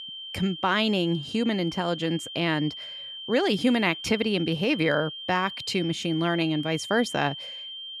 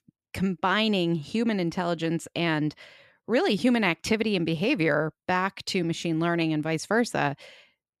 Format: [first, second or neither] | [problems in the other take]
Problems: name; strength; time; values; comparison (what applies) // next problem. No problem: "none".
second | high-pitched whine; loud; throughout; 3 kHz, 10 dB below the speech